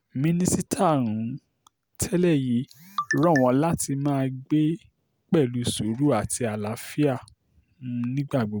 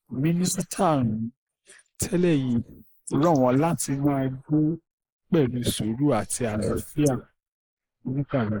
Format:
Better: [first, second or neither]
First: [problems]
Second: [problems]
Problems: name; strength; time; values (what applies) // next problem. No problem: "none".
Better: first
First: none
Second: noise reduction (neural mask model Resemble Enhance denoiser)